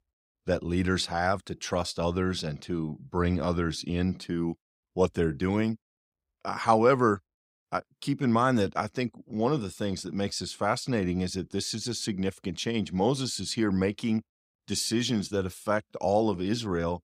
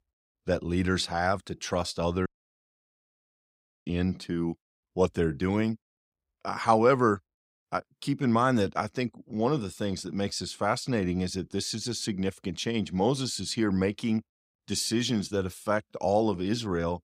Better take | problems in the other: first | audio cutting out; at 2.5 s for 1.5 s

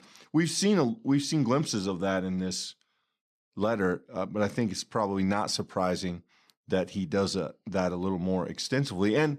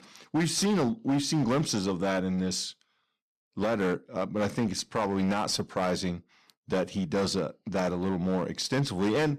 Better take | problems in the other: first | distortion; slight; 11% of the sound clipped

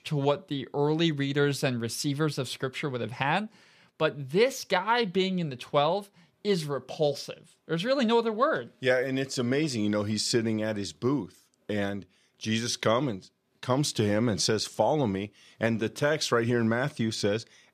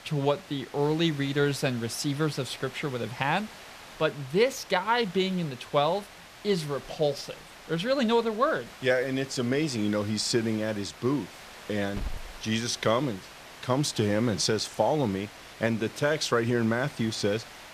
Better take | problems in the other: first | hiss; noticeable; throughout; 15 dB below the speech

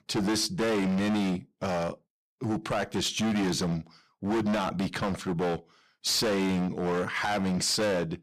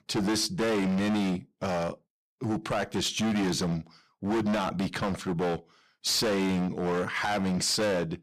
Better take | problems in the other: neither | distortion; heavy; 23% of the sound clipped; the same in both

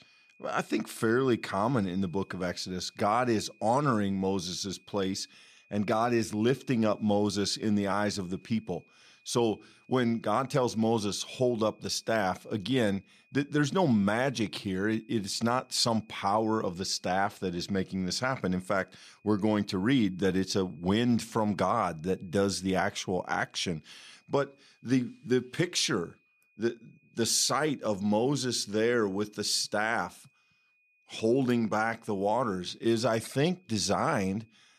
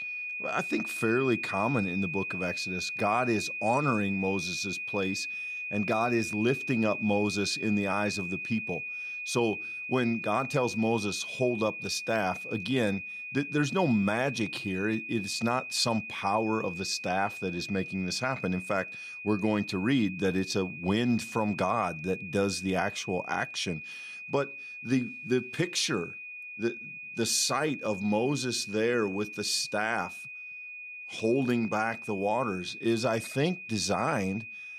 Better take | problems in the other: first | high-pitched whine; loud; throughout; 2.5 kHz, 7 dB below the speech; faint in the first

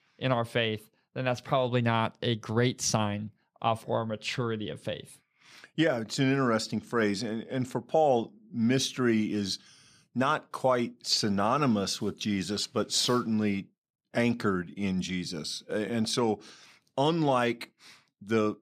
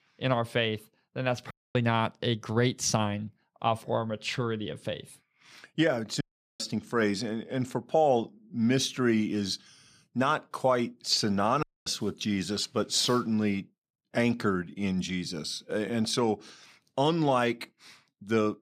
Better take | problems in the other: first | audio cutting out; at 1.5 s, at 6 s and at 12 s

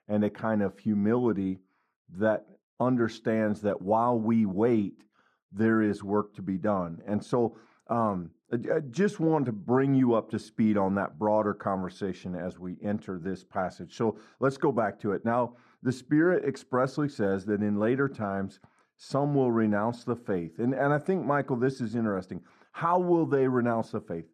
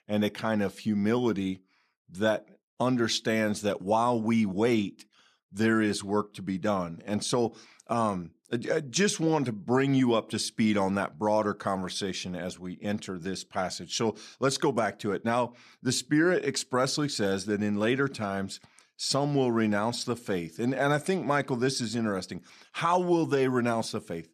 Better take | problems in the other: second | muffled; very; fading above 1.5 kHz

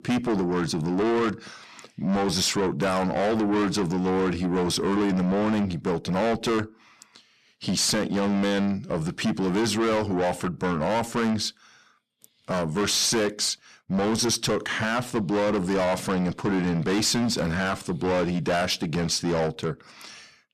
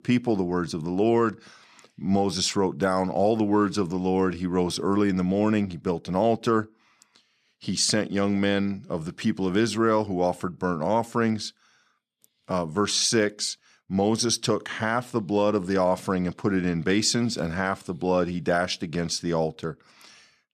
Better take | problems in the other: second | distortion; heavy; 6 dB below the speech

